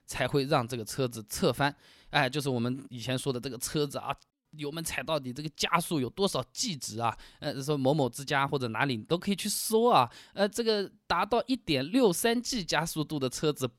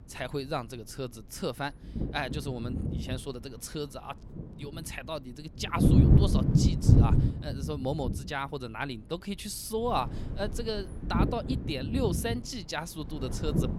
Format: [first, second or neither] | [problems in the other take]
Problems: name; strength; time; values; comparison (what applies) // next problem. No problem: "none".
first | wind noise on the microphone; heavy; 2 dB below the speech